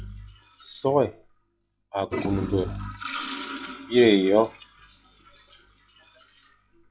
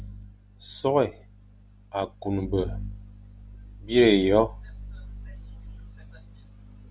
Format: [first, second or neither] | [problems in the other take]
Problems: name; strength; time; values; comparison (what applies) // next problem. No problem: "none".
second | noise reduction (classical method log-MMSE)